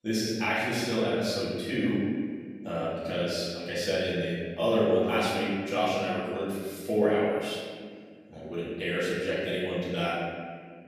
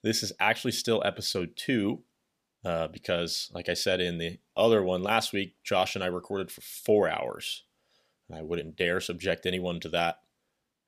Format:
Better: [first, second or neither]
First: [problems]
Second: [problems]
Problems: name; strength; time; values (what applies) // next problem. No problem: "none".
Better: second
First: room echo; strong; dies away in 1.8 s // off-mic speech; far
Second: none